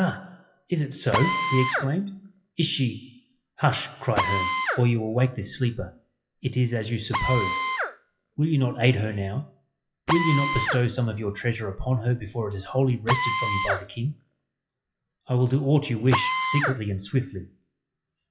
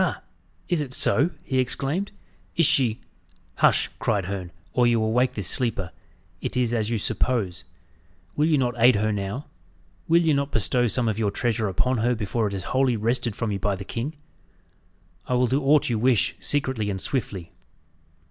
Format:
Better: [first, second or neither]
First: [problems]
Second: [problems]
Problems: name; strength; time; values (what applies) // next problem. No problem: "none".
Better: second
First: noise reduction (classical method WPE with log-MMSE)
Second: none